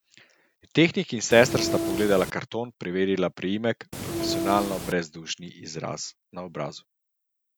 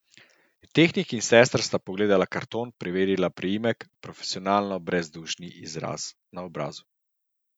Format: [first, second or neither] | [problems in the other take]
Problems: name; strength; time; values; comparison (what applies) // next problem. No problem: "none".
second | background sound (Train); 3 dB below the speech